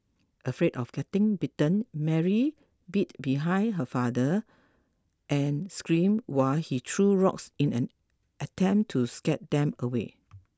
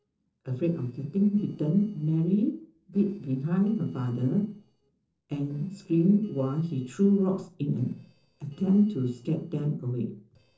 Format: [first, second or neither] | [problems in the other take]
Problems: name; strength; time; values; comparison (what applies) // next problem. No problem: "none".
first | noise reduction (neural separator model SepFormer DNS4)